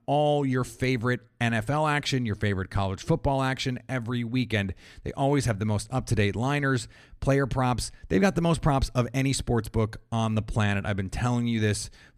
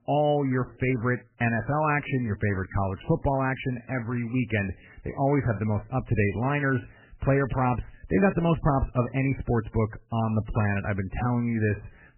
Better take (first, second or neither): first